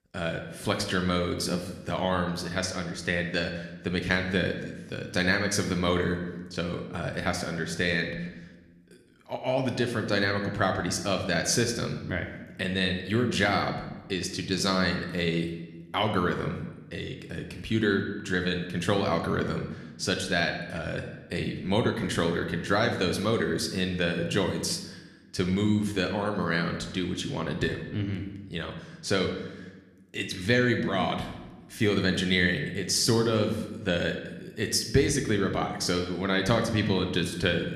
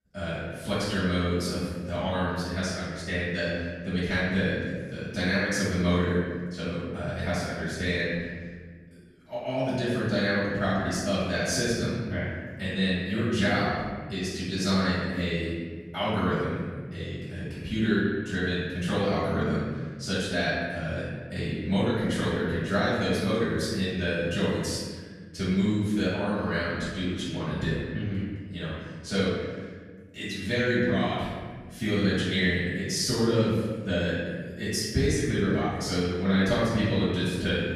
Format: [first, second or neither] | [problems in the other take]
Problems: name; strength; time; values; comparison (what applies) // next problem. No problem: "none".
first | room echo; strong; dies away in 1.5 s; slight in the first // off-mic speech; far